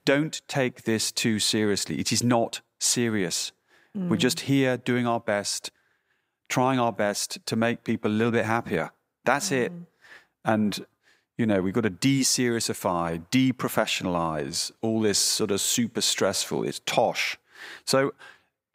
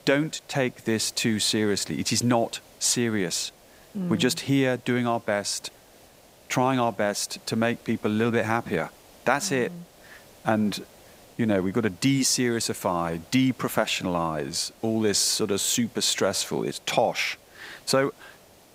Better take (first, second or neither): first